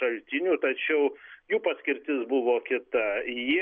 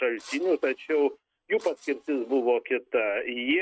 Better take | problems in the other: first | noise reduction (neural mask model RNNoise)

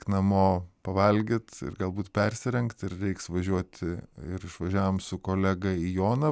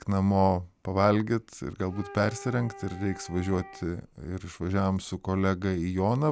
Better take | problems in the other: first | background sound (Wind instrument, woodwind instrument); 19 dB below the speech

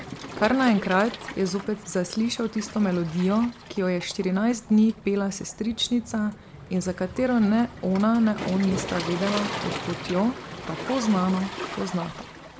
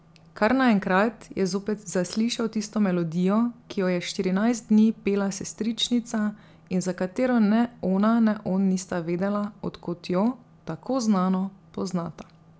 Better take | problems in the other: second | background sound (Waves, surf); 11 dB below the speech

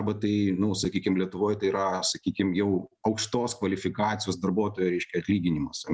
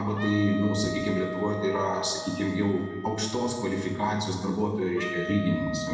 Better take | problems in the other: first | background sound (Wind instrument, woodwind instrument); 10 dB below the speech // room echo; dies away in 1.2 s

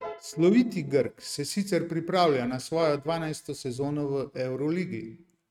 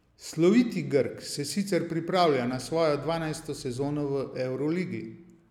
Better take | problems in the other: second | noise reduction (neural mask model RNNoise)

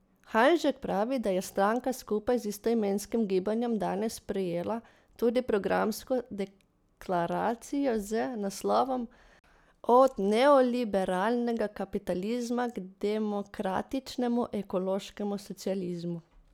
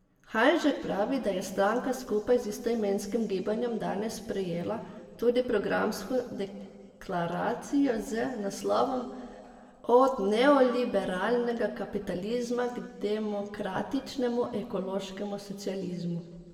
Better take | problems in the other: first | room echo; dies away in 1.9 s

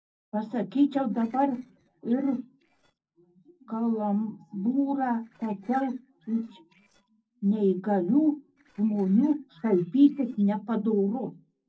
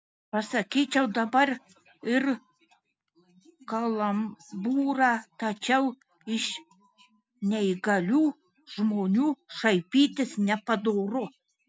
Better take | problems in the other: second | noise reduction (neural separator model SepFormer DNS4)

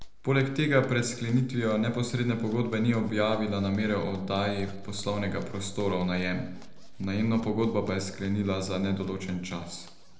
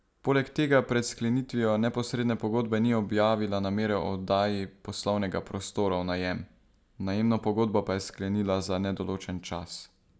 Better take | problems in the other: second | background sound (Zipper (clothing)); 14 dB below the speech // room echo; dies away in 0.8 s

